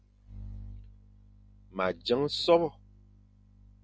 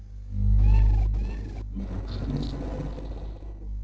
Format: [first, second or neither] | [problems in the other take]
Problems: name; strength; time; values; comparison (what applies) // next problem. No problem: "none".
first | noise reduction (neural separator model SepFormer DNS4)